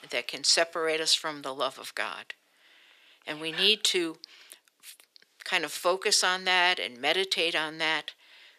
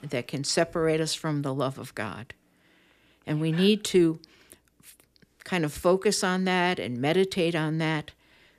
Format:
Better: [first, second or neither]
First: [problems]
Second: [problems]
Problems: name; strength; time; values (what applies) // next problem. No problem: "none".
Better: second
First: thin; very; fading below 600 Hz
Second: none